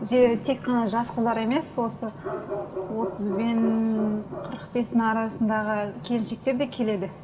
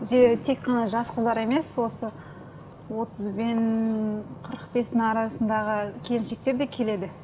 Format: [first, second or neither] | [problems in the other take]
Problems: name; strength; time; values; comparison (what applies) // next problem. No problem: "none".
second | background sound (Bark); 9 dB below the speech // room echo; dies away in 1.9 s